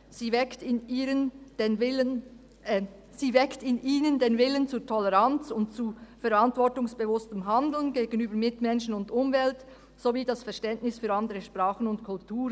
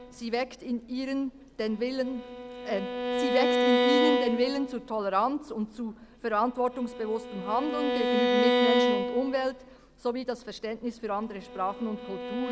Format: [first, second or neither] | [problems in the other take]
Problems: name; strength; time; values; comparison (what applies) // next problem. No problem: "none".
first | background sound (Bowed string instrument); 1 dB above the speech